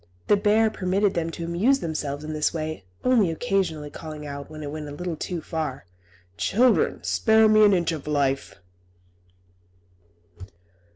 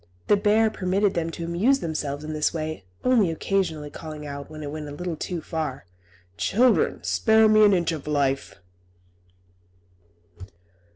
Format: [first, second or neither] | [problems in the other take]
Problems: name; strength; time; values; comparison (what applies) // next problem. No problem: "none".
second | background sound (Cowbell); 19 dB below the speech